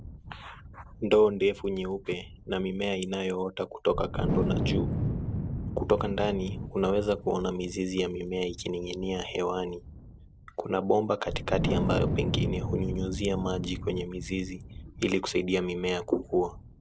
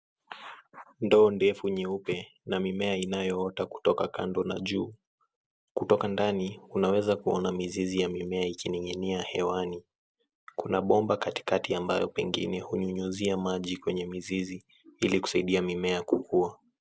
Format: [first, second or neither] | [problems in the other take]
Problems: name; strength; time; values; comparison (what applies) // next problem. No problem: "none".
second | background sound (Wind); 5 dB below the speech